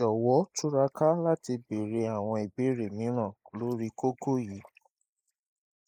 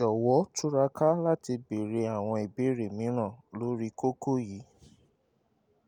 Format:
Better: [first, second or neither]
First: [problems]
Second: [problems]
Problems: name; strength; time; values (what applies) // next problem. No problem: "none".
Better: second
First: noise reduction (neural mask model Resemble Enhance denoiser)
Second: none